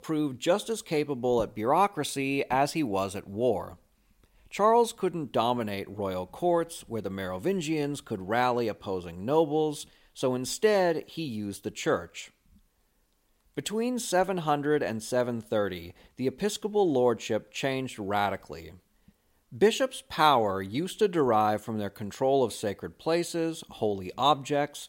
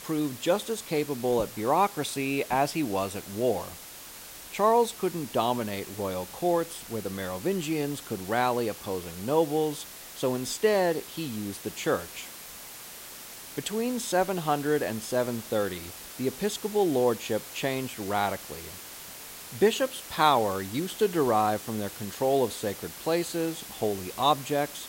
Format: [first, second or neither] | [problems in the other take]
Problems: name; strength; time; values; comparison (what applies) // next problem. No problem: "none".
first | hiss; noticeable; throughout; 15 dB below the speech